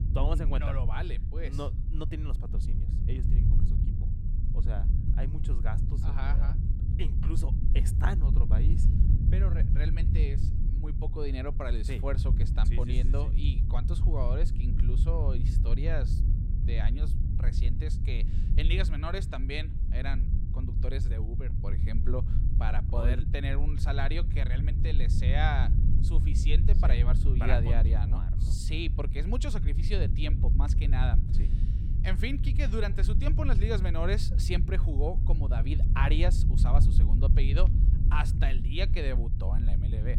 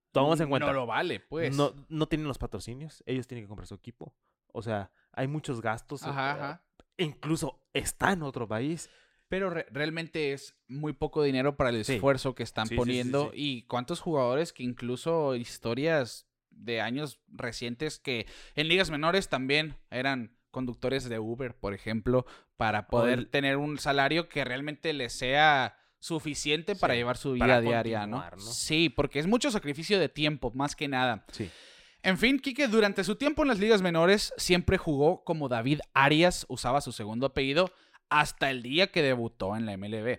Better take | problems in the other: second | low rumble; loud; throughout; 6 dB below the speech

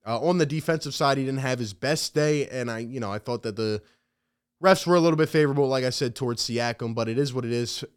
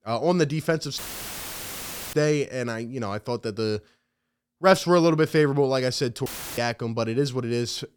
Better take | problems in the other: first | audio cutting out; filled with static; at 1 s for 1 s and at 6.5 s

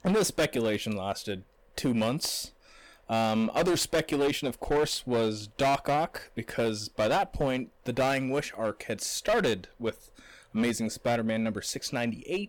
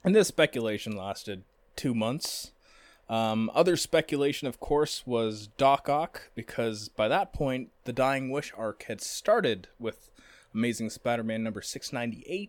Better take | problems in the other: second | distortion; heavy; 12% of the sound clipped

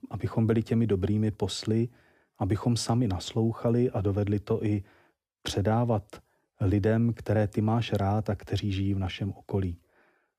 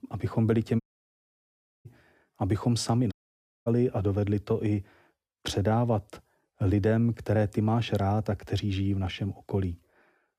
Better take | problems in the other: first | audio cutting out; at 1 s for 1 s and at 3 s for 0.5 s

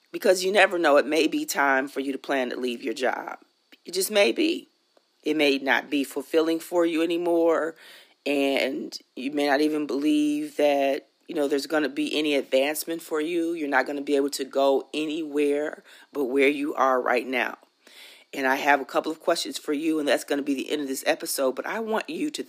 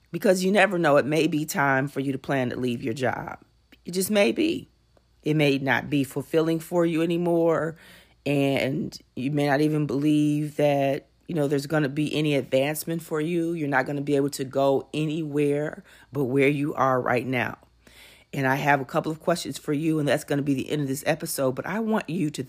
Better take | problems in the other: second | thin; very slightly; fading below 250 Hz

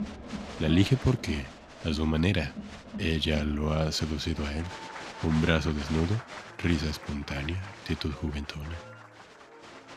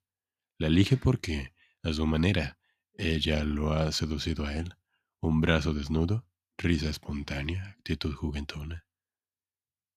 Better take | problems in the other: second | crowd noise; noticeable; throughout; 15 dB below the speech

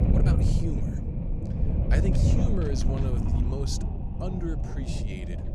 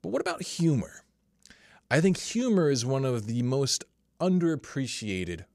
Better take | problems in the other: second | wind noise on the microphone; heavy; as loud as the speech

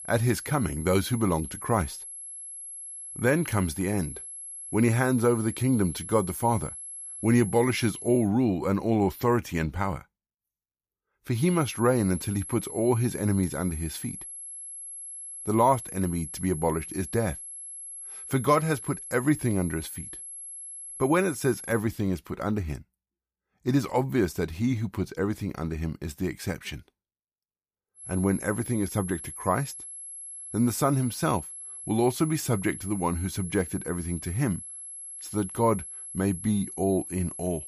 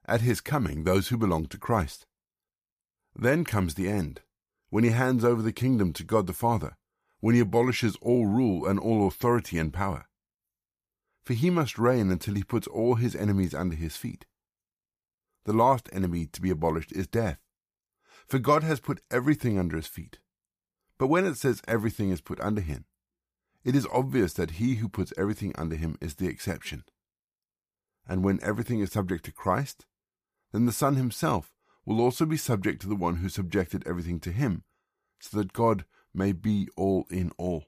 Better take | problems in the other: second | high-pitched whine; noticeable; until 8.5 s, from 11 to 22 s and from 28 s on; 11 kHz, 10 dB below the speech

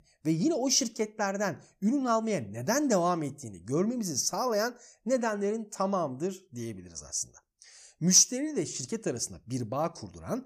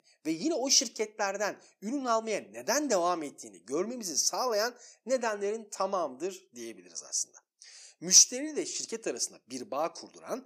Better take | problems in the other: first | thin; somewhat; fading below 300 Hz

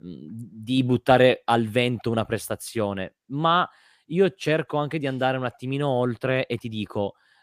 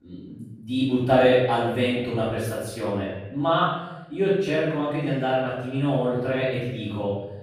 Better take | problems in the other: first | off-mic speech; far // room echo; strong; dies away in 1 s

